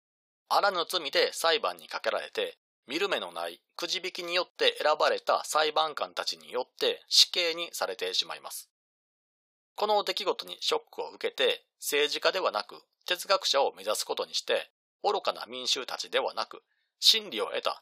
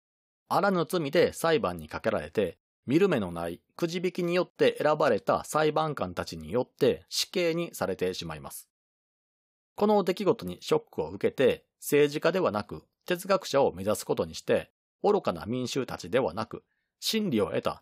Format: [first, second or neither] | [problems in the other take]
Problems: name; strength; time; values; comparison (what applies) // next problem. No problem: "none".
second | thin; very; fading below 700 Hz